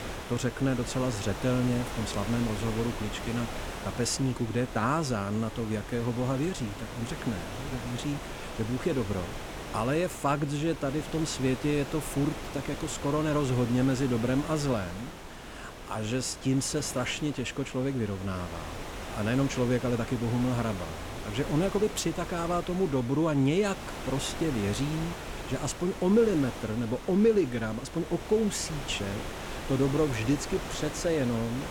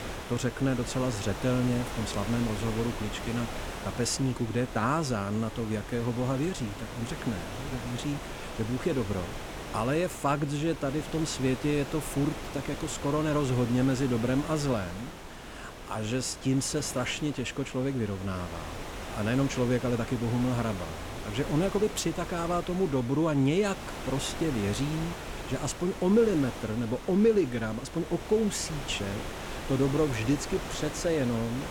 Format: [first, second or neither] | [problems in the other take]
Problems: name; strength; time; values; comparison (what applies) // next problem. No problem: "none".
neither | wind noise on the microphone; heavy; 7 dB below the speech; the same in both